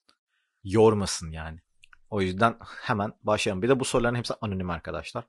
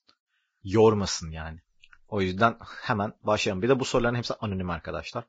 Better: first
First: garbled, watery; slightly; nothing above 10.5 kHz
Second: garbled, watery; badly; nothing above 7.5 kHz

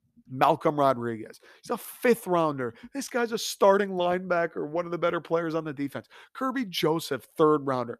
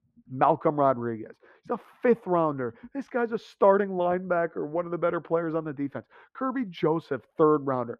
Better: first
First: none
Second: muffled; very; fading above 4 kHz

